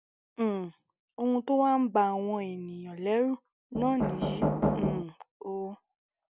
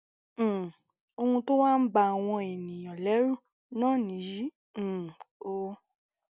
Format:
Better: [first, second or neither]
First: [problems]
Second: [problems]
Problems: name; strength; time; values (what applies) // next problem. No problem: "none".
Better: second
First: background sound (Knock); 1 dB above the speech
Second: none